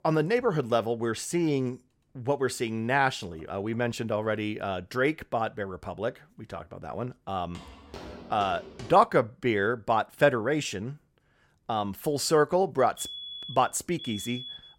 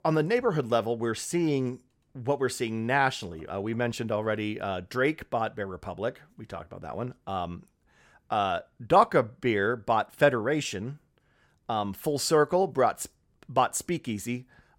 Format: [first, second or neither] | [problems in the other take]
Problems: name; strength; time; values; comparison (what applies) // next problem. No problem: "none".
second | footsteps; faint; from 7.5 to 9 s; peak 15 dB below the speech // alarm; noticeable; from 13 s on; peak 9 dB below the speech